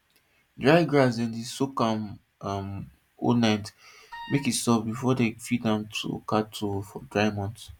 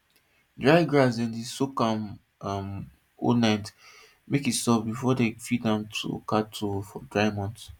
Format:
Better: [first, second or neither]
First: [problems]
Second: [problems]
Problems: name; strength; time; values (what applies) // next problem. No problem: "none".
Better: second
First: background sound (Wind instrument, woodwind instrument); 16 dB below the speech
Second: none